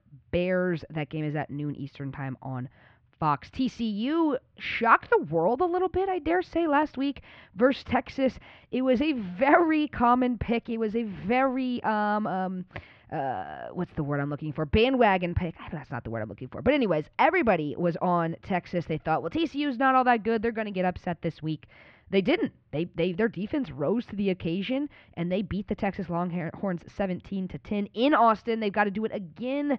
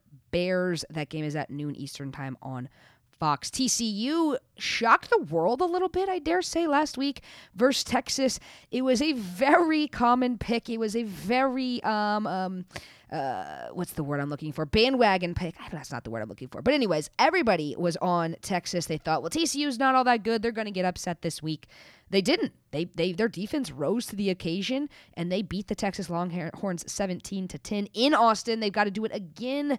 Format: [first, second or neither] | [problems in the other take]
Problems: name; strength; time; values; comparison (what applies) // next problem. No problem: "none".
second | muffled; very; fading above 3 kHz